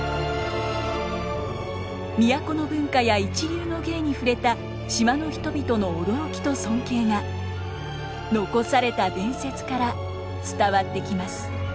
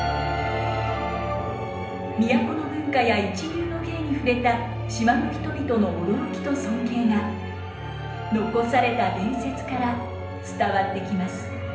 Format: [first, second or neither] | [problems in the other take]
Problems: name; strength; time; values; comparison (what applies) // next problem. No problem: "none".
first | background sound (Musical instrument); 17 dB below the speech // room echo; dies away in 0.8 s